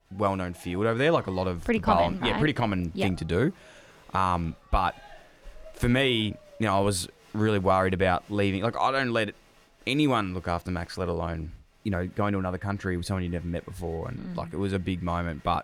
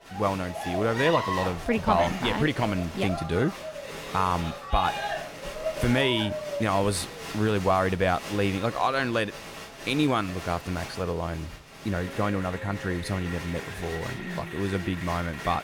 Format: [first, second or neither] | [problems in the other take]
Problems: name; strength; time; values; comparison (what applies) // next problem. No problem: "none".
first | crowd noise; loud; throughout; 8 dB below the speech; faint in the first